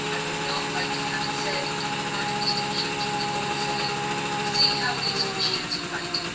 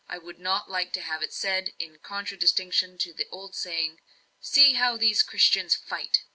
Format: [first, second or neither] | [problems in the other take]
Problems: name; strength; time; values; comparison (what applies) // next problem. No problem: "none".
second | background sound (Motorcycle / Engine); 3 dB above the speech // room echo; dies away in 0.4 s